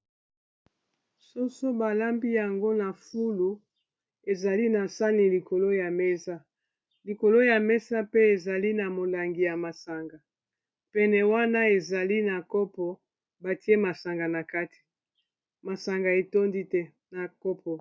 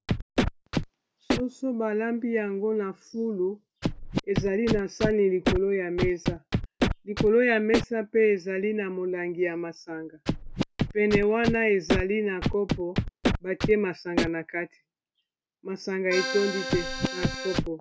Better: first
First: none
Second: background sound (Scratching (performance technique) + Accordion); 4 dB below the speech

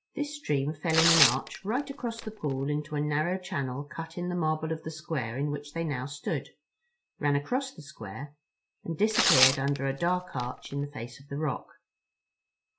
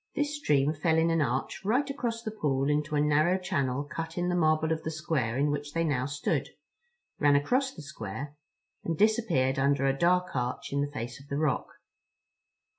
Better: second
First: background sound (Tearing); 1 dB above the speech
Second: none

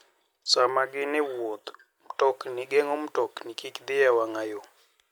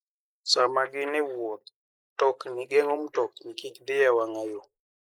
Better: first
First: none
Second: noise reduction (neural mask model Resemble Enhance denoiser)

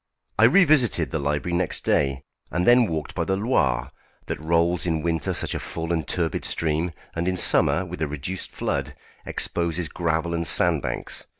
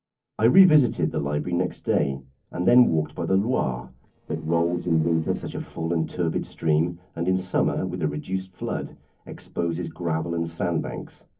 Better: first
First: none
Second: noise reduction (neural separator model SepFormer DNS4)

